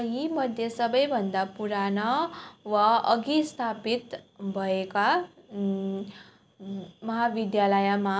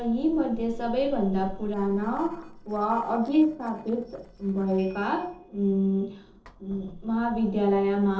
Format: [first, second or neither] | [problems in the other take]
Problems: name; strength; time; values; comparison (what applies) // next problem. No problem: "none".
first | noise reduction (neural separator model SepFormer DNS4)